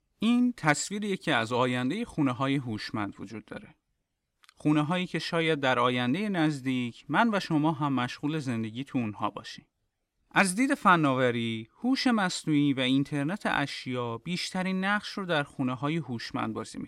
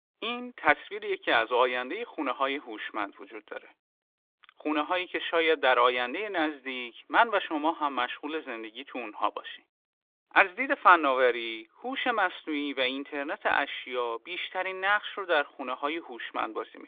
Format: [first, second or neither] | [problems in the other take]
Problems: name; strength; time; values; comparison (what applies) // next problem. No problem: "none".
first | phone-call audio